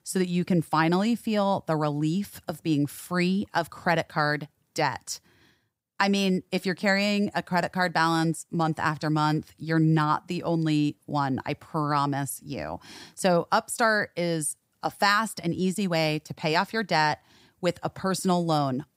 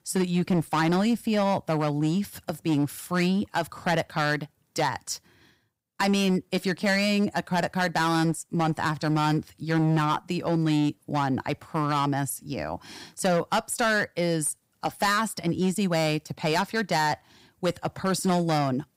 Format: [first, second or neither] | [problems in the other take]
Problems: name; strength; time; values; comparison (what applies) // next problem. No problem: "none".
first | distortion; slight; 10% of the sound clipped